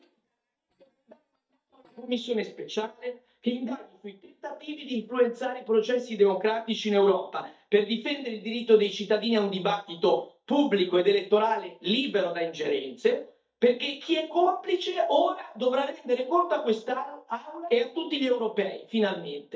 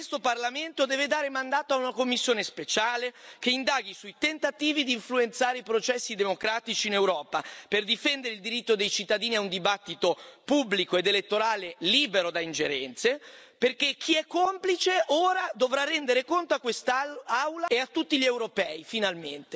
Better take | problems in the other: second | noise reduction (neural mask model DeepFilterNet 3)

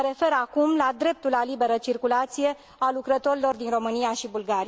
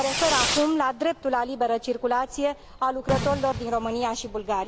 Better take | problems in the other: first | background sound (Fireworks); 7 dB below the speech

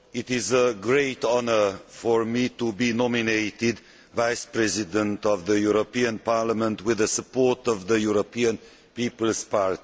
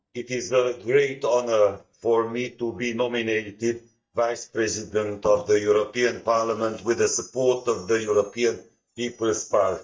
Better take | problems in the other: first | noise reduction (neural mask model DeepFilterNet 3)

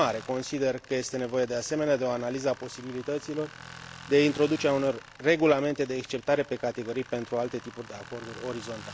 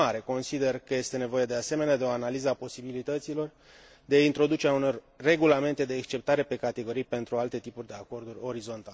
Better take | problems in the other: second | background sound (Tools); 18 dB below the speech

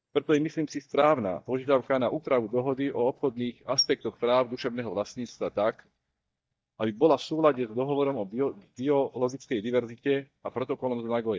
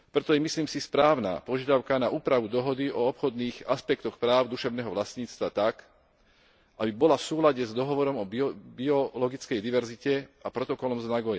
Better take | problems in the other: second | noise reduction (neural mask model DeepFilterNet 3)

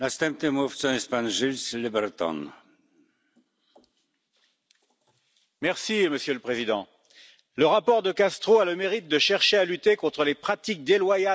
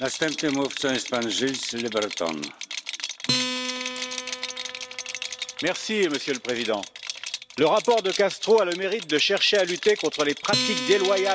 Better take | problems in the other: first | background sound (Rattle + Acoustic guitar); 6 dB below the speech

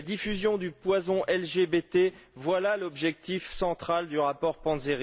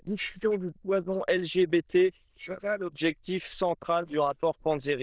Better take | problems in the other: first | noise reduction (neural diffusion model UNIVERSE++)

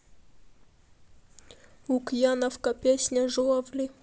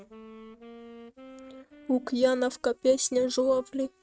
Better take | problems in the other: first | noise reduction (neural mask model RNNoise)

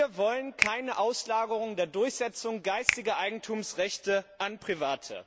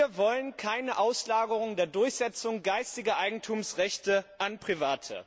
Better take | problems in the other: second | background sound (Finger snapping); 7 dB below the speech

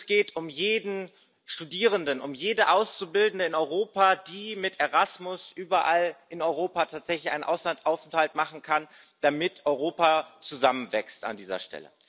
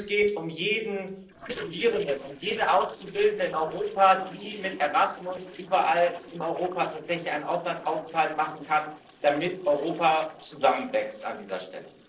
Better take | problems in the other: first | noise reduction (neural separator model SepFormer DNS4)

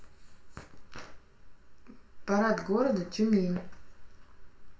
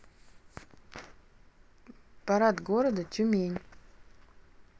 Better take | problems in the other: second | room echo; dies away in 0.4 s

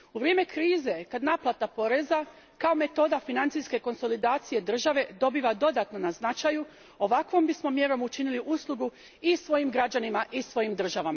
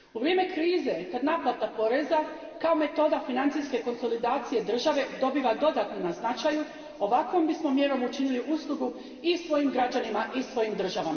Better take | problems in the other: first | room echo; dies away in 2.8 s

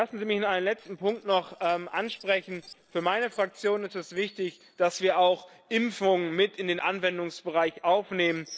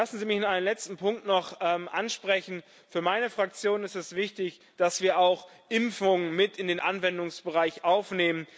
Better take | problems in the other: second | noise reduction (neural separator model SepFormer DNS4)

